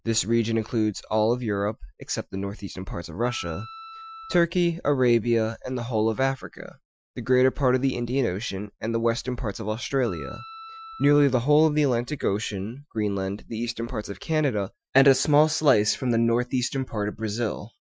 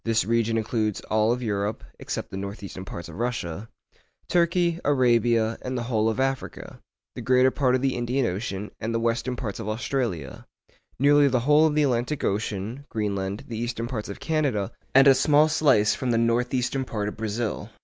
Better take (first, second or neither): second